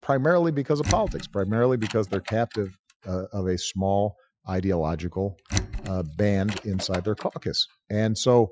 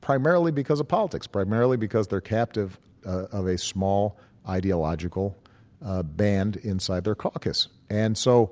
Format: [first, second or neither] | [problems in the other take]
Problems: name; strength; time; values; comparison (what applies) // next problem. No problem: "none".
second | noise reduction (classical method Wiener filter)